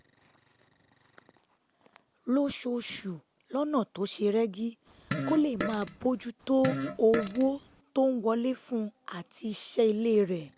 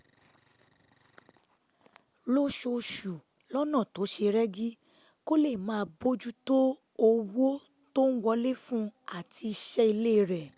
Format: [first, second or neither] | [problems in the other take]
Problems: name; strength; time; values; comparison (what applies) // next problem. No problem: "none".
second | background sound (Fart); 6 dB below the speech